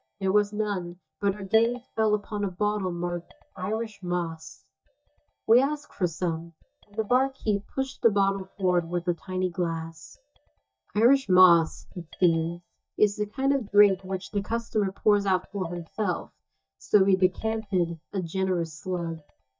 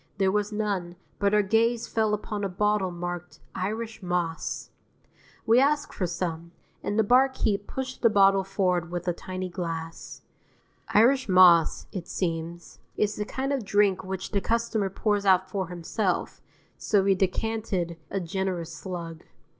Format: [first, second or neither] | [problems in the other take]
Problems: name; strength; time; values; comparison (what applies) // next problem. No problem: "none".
second | noise reduction (neural mask model DeepFilterNet 3)